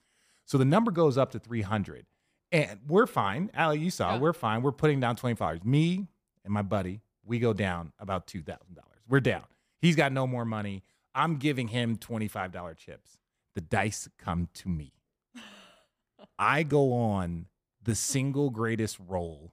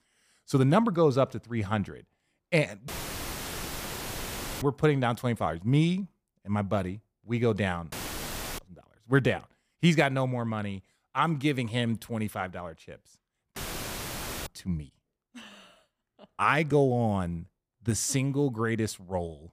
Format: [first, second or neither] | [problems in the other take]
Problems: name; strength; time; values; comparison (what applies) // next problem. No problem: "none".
first | audio cutting out; filled with static; at 3 s for 1.5 s, at 8 s for 0.5 s and at 14 s for 1 s